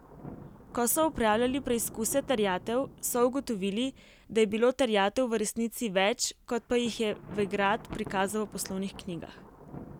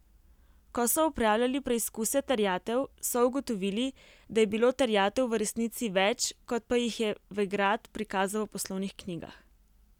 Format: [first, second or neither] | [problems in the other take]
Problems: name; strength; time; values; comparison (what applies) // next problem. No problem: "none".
second | background sound (Thunder); 18 dB below the speech